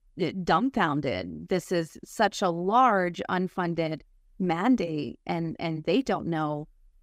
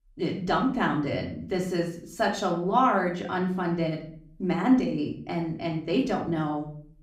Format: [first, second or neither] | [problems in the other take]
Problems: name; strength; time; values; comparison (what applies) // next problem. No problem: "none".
first | room echo; slight; dies away in 0.5 s // off-mic speech; far